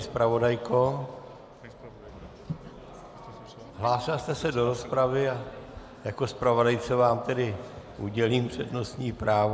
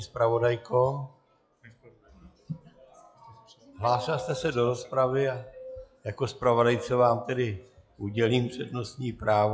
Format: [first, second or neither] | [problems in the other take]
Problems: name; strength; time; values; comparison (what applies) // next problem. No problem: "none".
first | noise reduction (classical method log-MMSE)